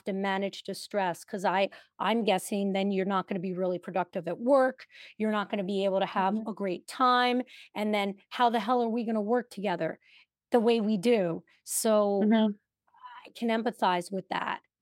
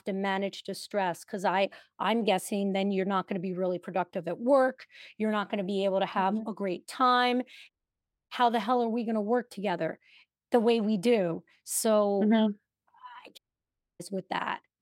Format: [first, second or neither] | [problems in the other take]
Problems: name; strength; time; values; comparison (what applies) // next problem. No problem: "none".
first | audio cutting out; at 7.5 s for 0.5 s and at 13 s for 0.5 s